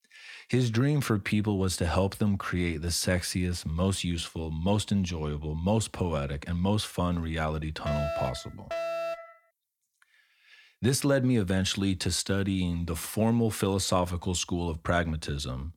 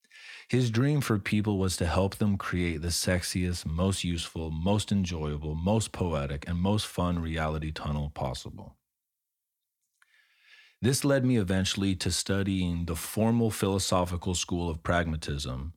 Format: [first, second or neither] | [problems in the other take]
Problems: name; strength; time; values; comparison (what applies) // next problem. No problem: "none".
second | alarm; noticeable; from 8 to 9.5 s; peak 3 dB below the speech